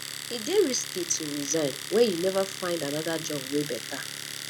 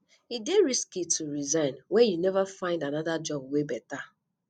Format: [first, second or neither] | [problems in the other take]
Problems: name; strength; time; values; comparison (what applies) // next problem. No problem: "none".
second | background sound (Domestic sounds, home sounds); 8 dB below the speech